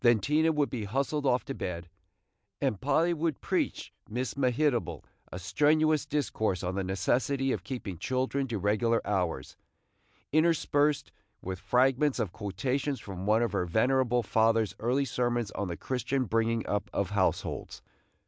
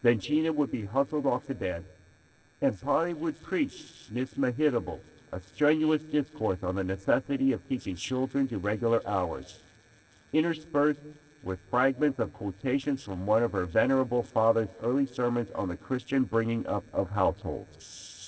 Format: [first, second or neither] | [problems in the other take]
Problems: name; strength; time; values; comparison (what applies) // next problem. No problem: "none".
first | noise reduction (neural separator model SepFormer DNS4)